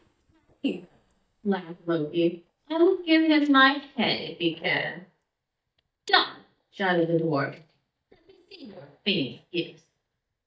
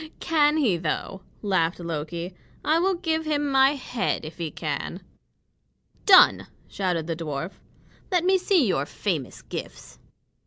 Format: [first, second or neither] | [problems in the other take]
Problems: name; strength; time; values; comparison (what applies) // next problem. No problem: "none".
second | noise reduction (neural mask model DeepFilterNet 3)